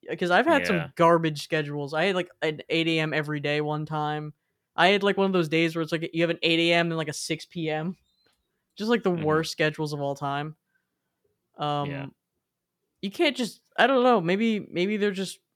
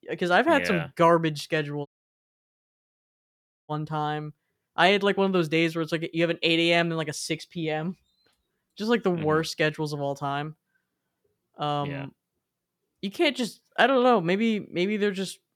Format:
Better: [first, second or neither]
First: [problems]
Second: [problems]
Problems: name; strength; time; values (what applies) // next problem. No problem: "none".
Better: first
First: none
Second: audio cutting out; at 2 s for 2 s